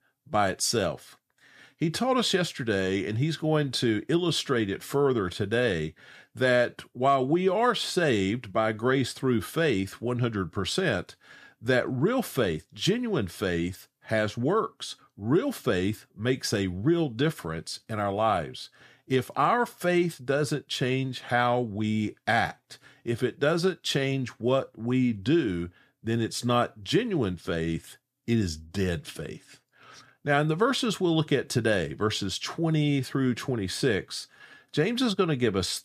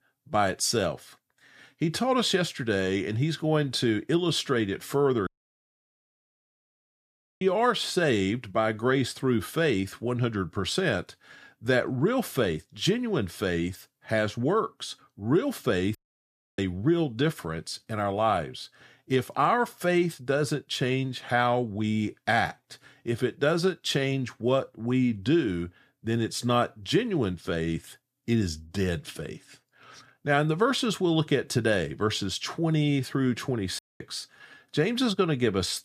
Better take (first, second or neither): first